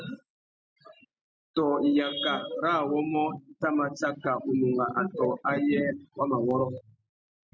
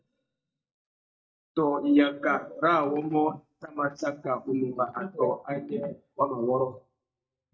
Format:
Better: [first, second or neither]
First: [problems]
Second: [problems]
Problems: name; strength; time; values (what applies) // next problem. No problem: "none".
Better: first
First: none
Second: noise reduction (neural mask model DeepFilterNet 3)